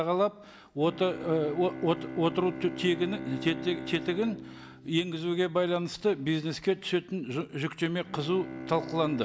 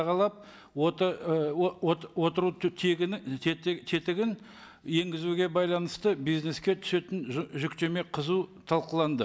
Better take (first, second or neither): second